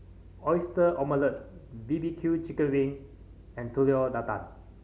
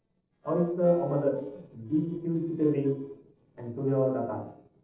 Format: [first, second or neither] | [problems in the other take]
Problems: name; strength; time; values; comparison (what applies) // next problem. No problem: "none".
first | noise reduction (neural separator model SepFormer DNS4)